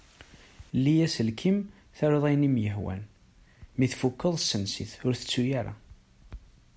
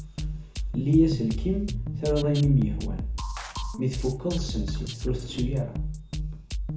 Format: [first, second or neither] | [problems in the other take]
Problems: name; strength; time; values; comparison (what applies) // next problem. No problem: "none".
first | background sound (Drum kit); 4 dB below the speech // room echo; dies away in 0.6 s